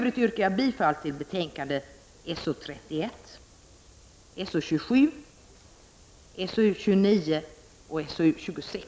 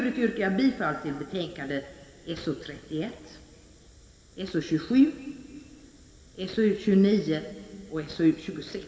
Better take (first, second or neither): first